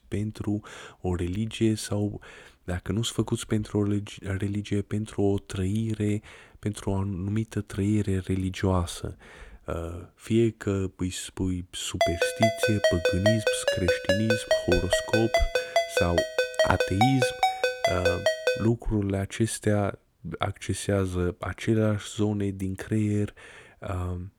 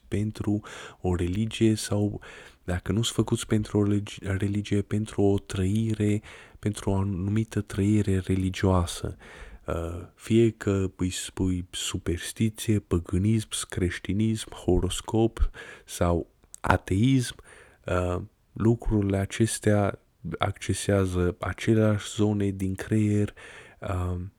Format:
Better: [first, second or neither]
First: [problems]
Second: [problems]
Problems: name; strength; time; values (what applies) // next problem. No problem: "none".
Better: second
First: phone ringing; loud; from 12 to 19 s; peak 4 dB above the speech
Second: none